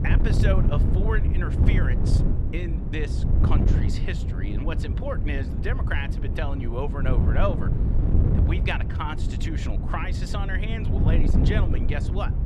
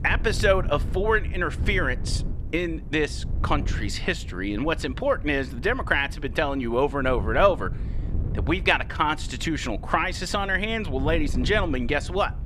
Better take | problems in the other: second | wind noise on the microphone; heavy; 4 dB below the speech; occasional gusts in the second

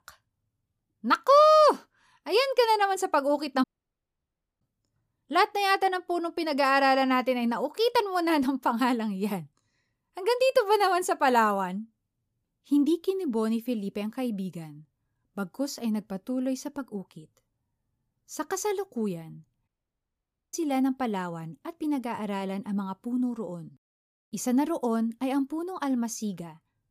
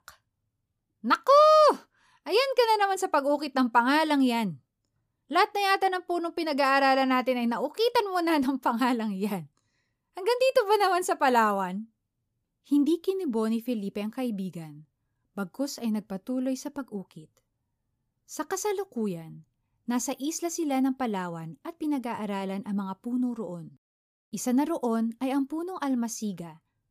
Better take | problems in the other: second | audio cutting out; at 3.5 s for 1 s and at 20 s for 1 s

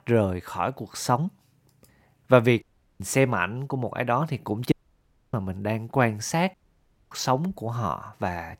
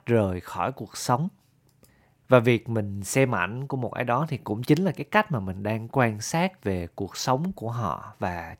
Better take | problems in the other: second | audio cutting out; at 2.5 s, at 4.5 s for 0.5 s and at 6.5 s for 0.5 s

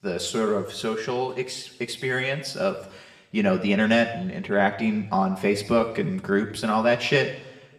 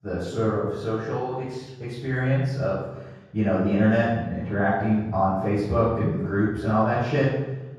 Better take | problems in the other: first | room echo; strong; dies away in 1.3 s; slight in the first // off-mic speech; far

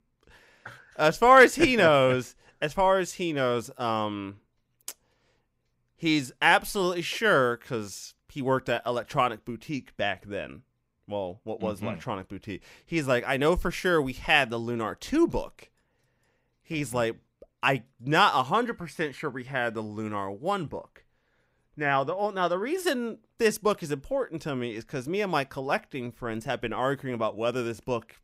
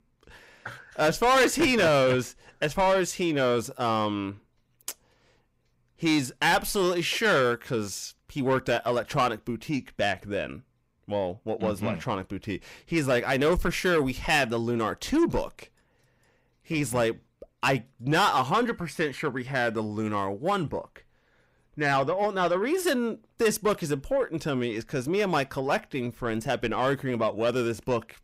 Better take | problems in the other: first | distortion; heavy; 7 dB below the speech

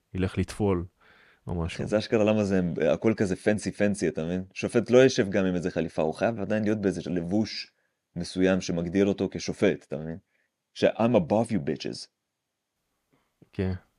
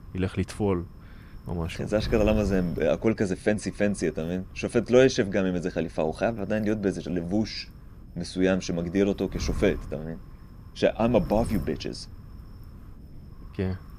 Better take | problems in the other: first | wind noise on the microphone; occasional gusts; 25 dB below the speech

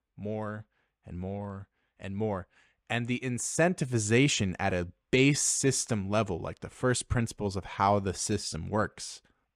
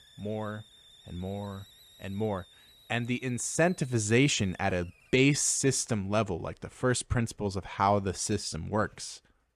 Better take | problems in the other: first | hiss; faint; throughout; 25 dB below the speech

